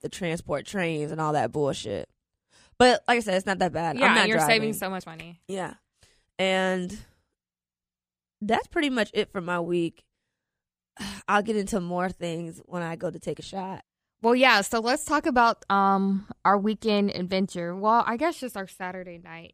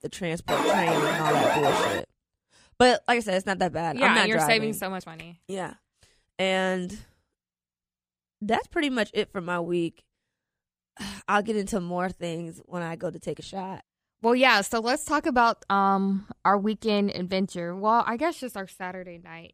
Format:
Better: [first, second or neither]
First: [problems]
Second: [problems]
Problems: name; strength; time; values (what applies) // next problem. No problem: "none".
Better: first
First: none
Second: alarm; loud; until 2 s; peak 2 dB above the speech